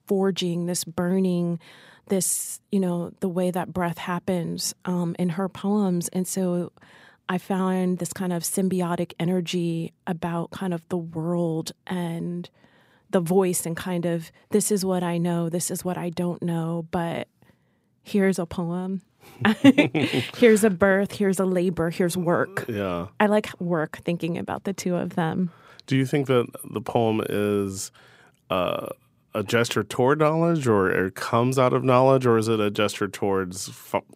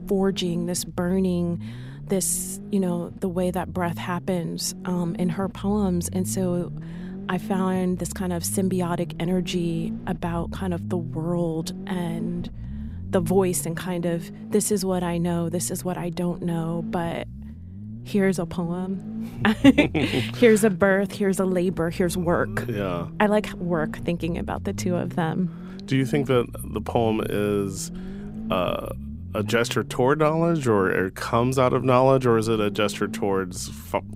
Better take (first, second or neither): first